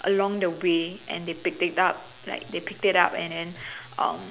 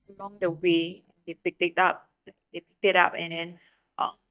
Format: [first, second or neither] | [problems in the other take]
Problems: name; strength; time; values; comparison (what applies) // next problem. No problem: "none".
first | noise reduction (neural mask model DeepFilterNet 3)